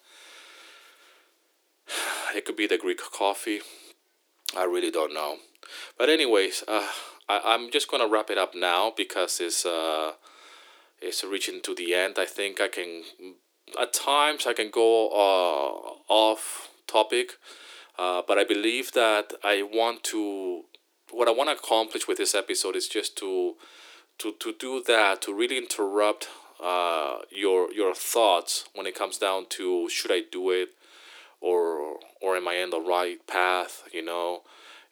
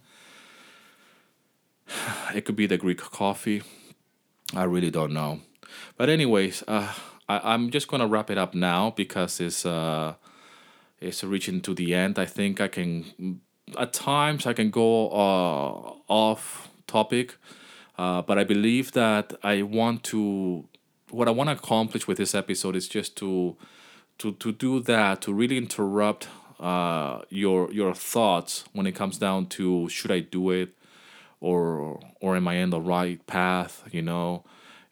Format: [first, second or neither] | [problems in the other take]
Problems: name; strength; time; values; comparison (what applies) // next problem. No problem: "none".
second | thin; very; fading below 300 Hz